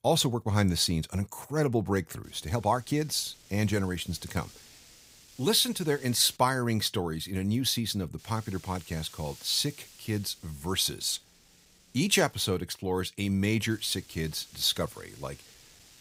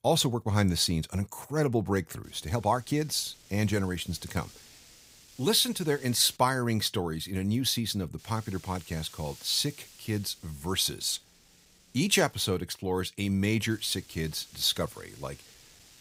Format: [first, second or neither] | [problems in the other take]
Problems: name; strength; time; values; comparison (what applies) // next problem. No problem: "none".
neither | wind noise on the microphone; occasional gusts; from 2 to 6.5 s, from 8 to 12 s and from 14 s on; 25 dB below the speech; the same in both